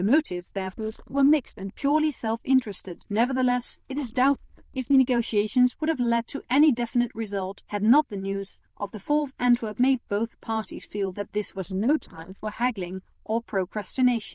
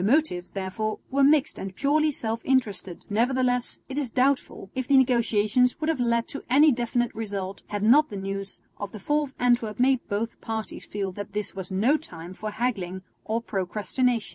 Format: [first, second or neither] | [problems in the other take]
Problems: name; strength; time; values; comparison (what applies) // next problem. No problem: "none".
second | noise reduction (neural diffusion model UNIVERSE++)